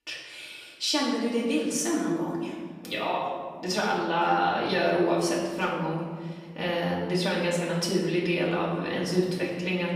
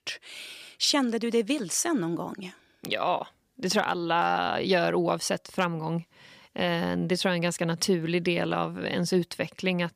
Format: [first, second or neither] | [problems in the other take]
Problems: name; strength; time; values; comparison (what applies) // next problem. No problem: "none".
second | off-mic speech; far // room echo; noticeable; dies away in 1.4 s